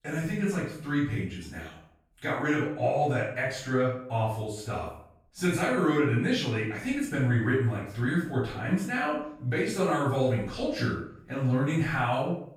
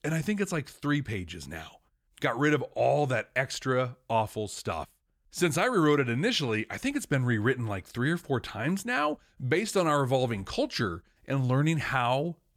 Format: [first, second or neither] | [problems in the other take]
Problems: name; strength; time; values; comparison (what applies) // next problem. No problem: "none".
second | room echo; noticeable; dies away in 0.5 s // off-mic speech; far